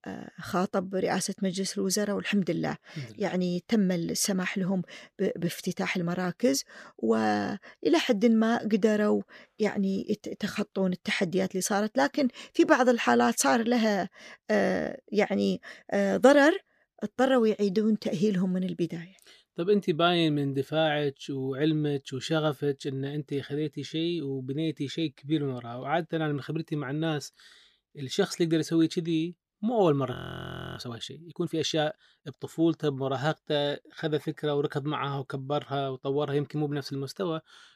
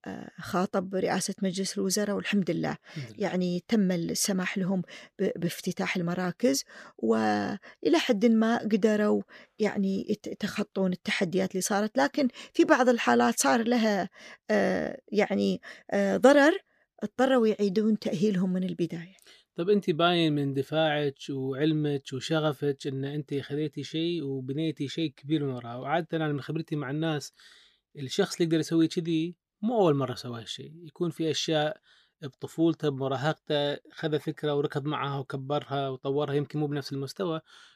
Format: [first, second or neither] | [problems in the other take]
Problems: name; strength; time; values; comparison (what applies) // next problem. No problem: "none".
second | audio freezing; at 30 s for 0.5 s